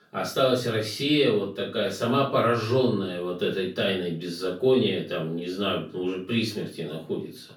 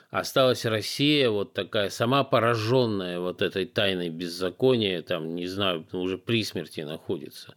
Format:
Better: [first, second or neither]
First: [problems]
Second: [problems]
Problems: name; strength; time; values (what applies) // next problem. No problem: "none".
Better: second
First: off-mic speech; far // room echo; slight; dies away in 0.3 s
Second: none